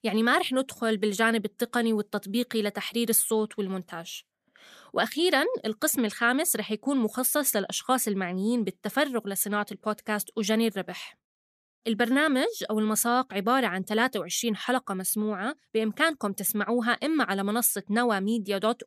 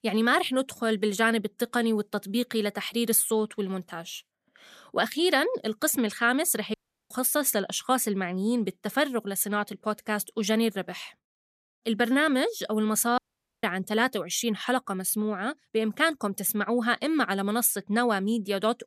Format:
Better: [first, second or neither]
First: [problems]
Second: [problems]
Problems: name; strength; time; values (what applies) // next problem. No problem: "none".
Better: first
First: none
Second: audio cutting out; at 6.5 s and at 13 s